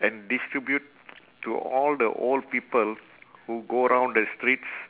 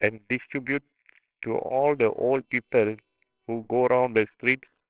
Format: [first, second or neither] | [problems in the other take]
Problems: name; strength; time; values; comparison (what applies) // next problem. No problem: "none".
first | noise reduction (neural separator model SepFormer WHAMR!)